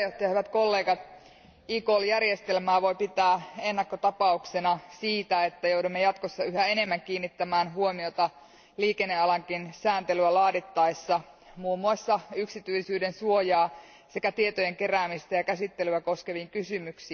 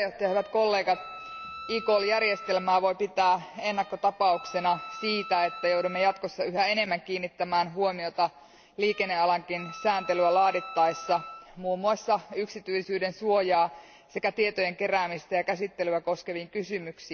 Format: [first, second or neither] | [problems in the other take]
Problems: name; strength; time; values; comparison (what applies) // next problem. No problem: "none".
first | background sound (Wind instrument, woodwind instrument); 15 dB below the speech